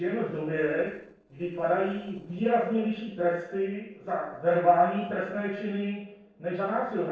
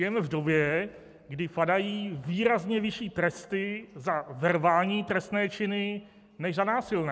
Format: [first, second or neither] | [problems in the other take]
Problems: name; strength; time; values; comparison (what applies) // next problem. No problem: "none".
second | noise reduction (neural separator model SepFormer DNS4)